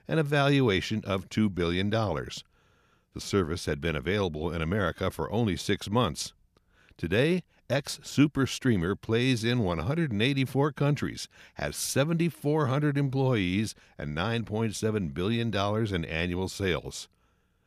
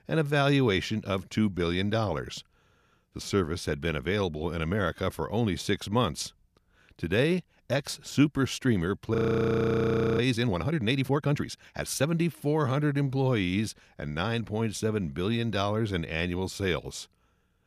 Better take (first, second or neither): first